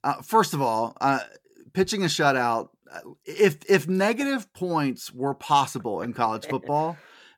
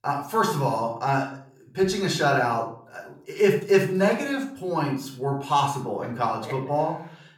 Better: first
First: none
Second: off-mic speech; somewhat distant // room echo; slight; dies away in 0.4 s

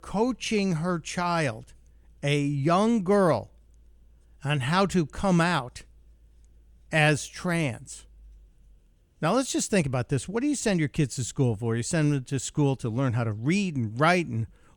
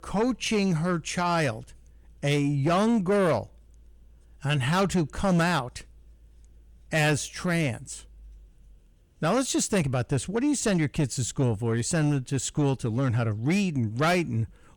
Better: first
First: none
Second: distortion; slight; 10 dB below the speech

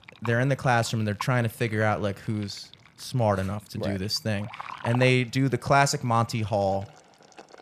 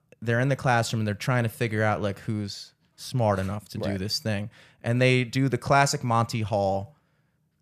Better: second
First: household noises; noticeable; throughout; 20 dB below the speech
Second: none

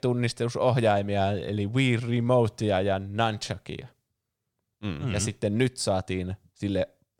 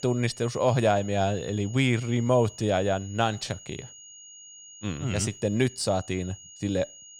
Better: first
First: none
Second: high-pitched whine; noticeable; throughout; 6.5 kHz, 20 dB below the speech

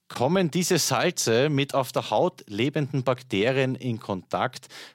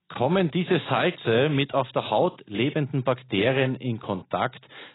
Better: first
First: none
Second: garbled, watery; badly; nothing above 4 kHz

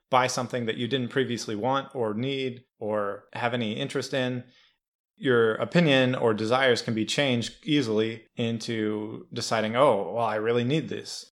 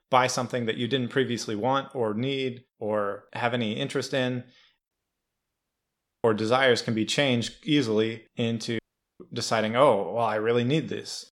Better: first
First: none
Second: audio cutting out; at 5 s for 1.5 s and at 9 s

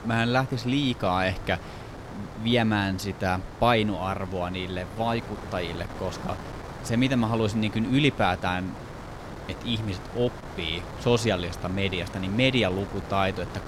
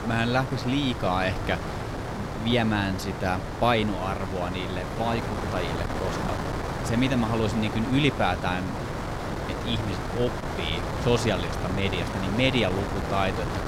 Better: first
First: wind noise on the microphone; occasional gusts; 15 dB below the speech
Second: wind noise on the microphone; heavy; 4 dB below the speech

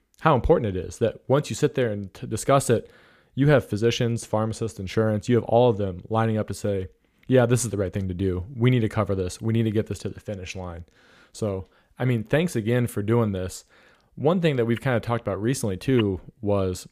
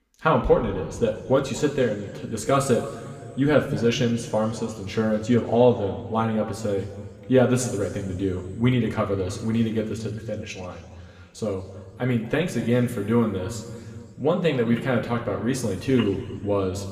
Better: first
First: none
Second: room echo; slight; dies away in 1.9 s // off-mic speech; somewhat distant

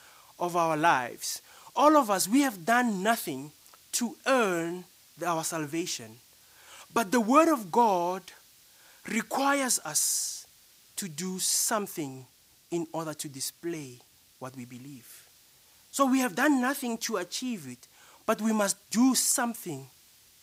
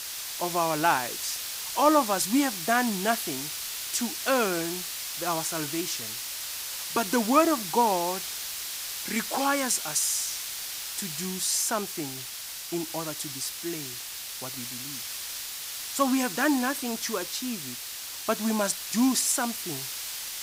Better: first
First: hiss; faint; throughout; 30 dB below the speech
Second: hiss; loud; throughout; 5 dB below the speech

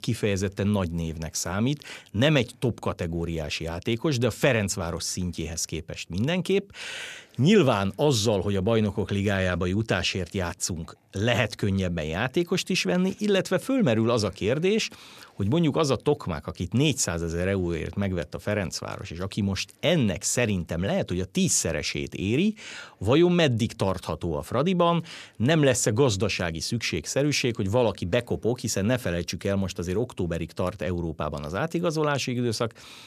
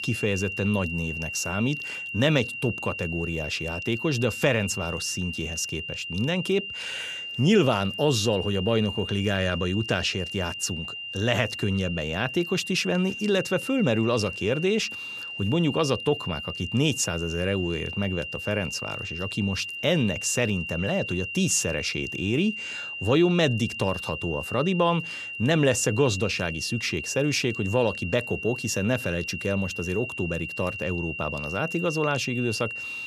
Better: first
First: none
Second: high-pitched whine; loud; throughout; 3 kHz, 6 dB below the speech

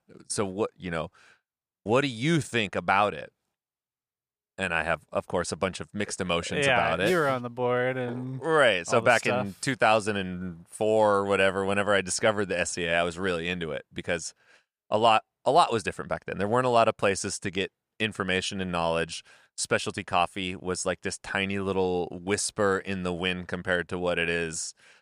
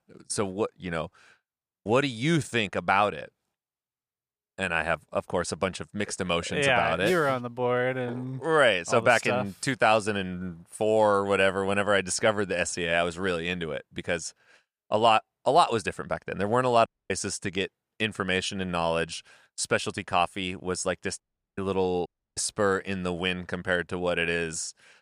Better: first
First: none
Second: audio cutting out; at 17 s, at 21 s and at 22 s

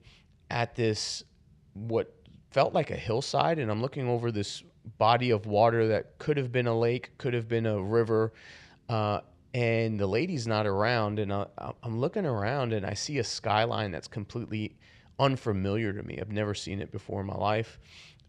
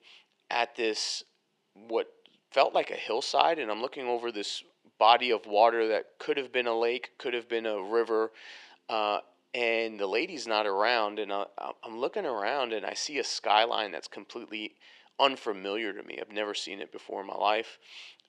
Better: first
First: none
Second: thin; very; fading below 300 Hz

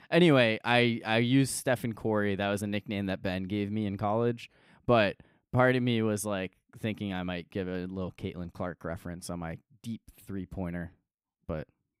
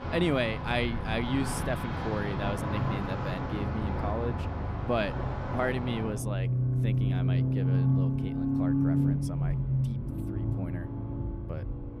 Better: first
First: none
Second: traffic noise; very loud; throughout; 4 dB above the speech

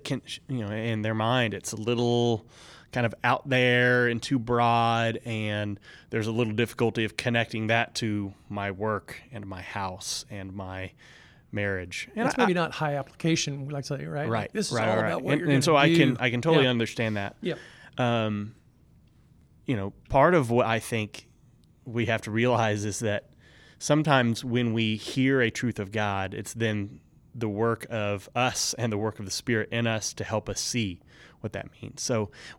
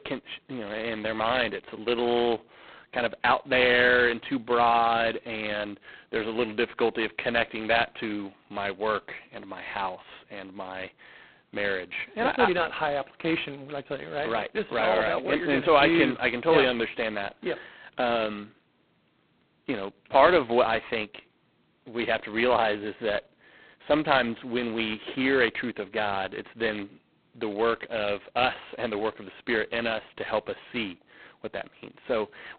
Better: first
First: none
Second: phone-call audio; poor line; nothing above 4 kHz

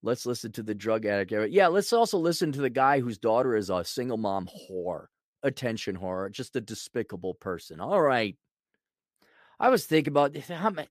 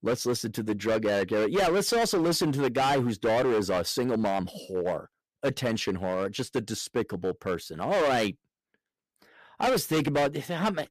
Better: first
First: none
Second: distortion; heavy; 16% of the sound clipped

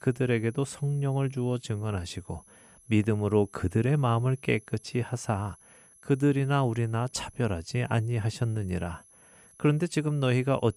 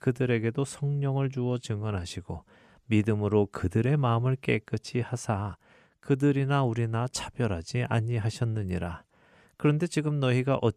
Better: second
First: high-pitched whine; faint; throughout; 11 kHz, 25 dB below the speech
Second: none

